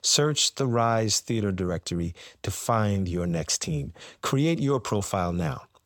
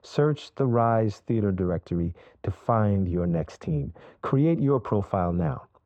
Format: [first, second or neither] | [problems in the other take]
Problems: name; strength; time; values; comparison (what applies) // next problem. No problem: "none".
first | muffled; very; fading above 3 kHz